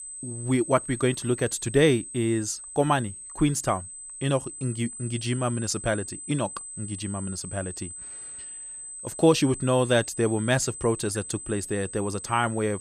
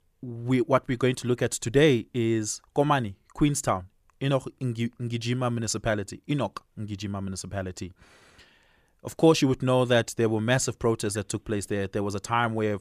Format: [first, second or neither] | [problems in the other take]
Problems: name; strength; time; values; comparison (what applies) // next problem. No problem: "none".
second | high-pitched whine; noticeable; throughout; 8 kHz, 10 dB below the speech